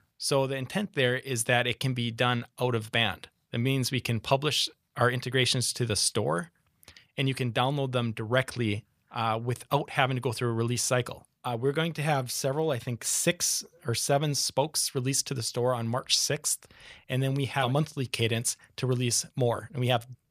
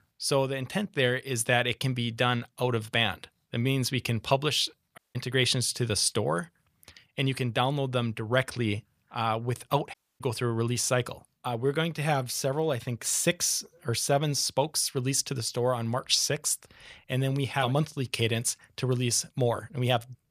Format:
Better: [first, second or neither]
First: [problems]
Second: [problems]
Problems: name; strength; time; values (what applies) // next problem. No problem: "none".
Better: first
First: none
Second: audio cutting out; at 5 s and at 10 s